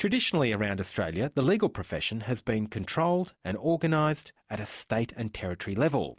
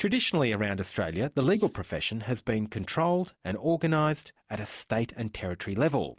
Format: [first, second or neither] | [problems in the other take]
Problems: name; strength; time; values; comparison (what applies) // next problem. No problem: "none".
first | noise reduction (neural mask model Resemble Enhance denoiser)